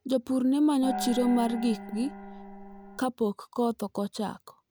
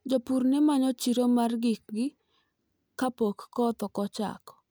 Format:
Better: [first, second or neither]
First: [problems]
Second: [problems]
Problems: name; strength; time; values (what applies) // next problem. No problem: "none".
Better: second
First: background sound (Gong); 9 dB below the speech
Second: none